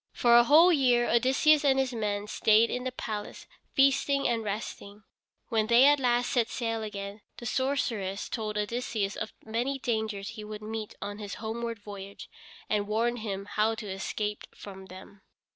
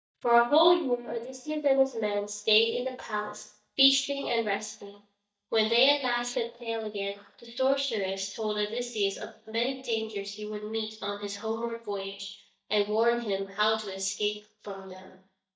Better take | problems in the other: first | noise reduction (neural mask model DeepFilterNet 3)

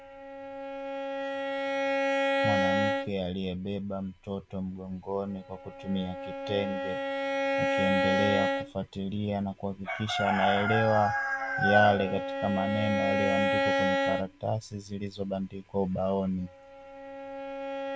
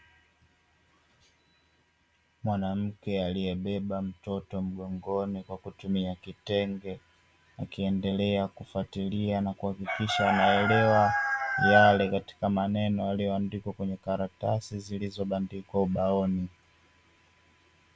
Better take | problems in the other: second | background sound (Bowed string instrument); 1 dB below the speech

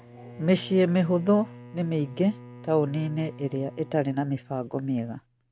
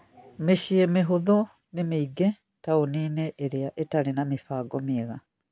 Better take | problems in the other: second | background sound (Bowed string instrument); 18 dB below the speech

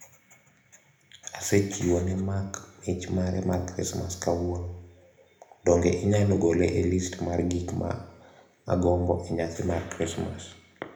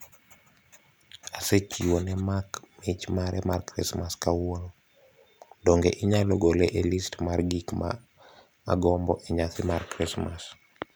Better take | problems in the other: second | room echo; dies away in 0.7 s

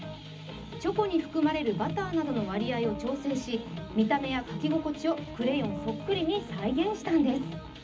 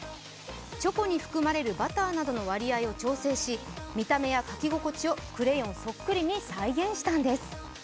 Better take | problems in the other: second | background sound (Guitar); 14 dB below the speech // room echo; dies away in 0.4 s

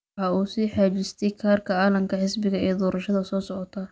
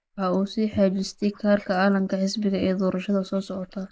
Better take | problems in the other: first | noise reduction (neural mask model Resemble Enhance denoiser)

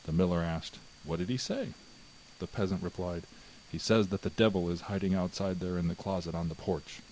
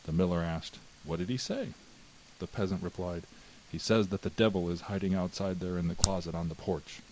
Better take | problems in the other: first | noise reduction (neural mask model Resemble Enhance denoiser)

